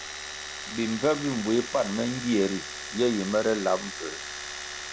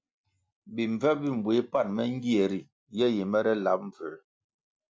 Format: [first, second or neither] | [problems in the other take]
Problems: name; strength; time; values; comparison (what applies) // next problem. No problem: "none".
second | background sound (Domestic sounds, home sounds); 9 dB below the speech